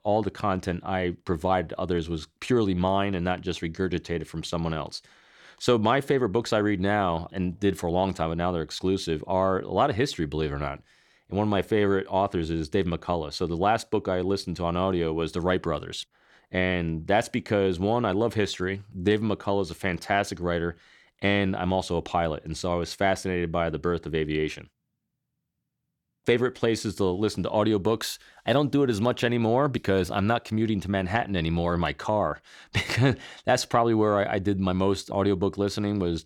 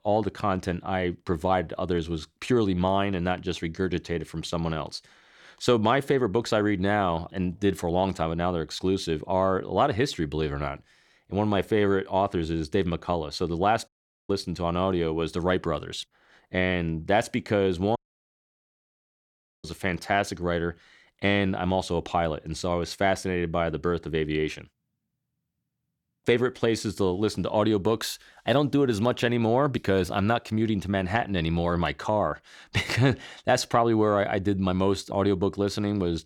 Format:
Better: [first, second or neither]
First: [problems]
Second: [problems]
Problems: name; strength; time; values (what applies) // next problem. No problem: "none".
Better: first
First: none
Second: audio cutting out; at 14 s and at 18 s for 1.5 s